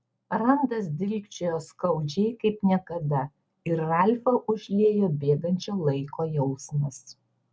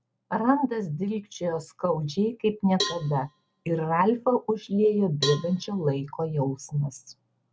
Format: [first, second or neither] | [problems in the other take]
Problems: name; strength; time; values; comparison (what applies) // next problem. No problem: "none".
first | background sound (Cowbell); 11 dB below the speech